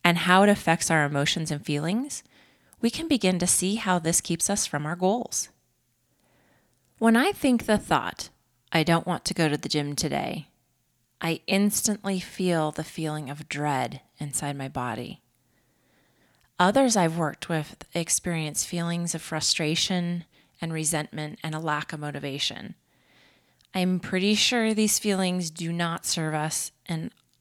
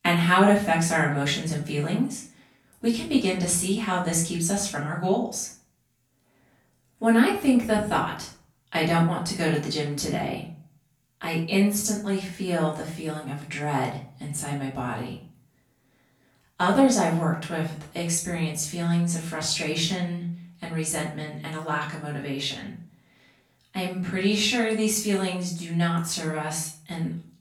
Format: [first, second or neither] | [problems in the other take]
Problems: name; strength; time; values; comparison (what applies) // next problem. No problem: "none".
first | off-mic speech; far // room echo; slight; dies away in 0.4 s